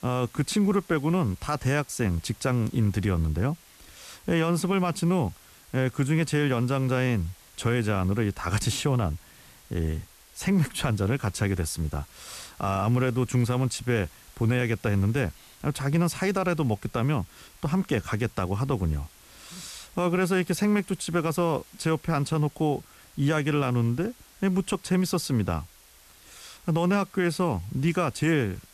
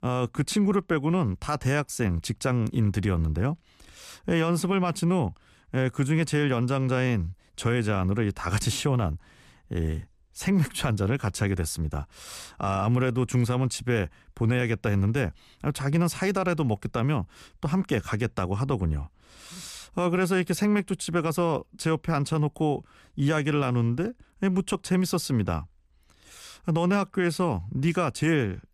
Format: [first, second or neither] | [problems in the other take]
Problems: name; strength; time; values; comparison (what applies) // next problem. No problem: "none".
second | hiss; faint; throughout; 25 dB below the speech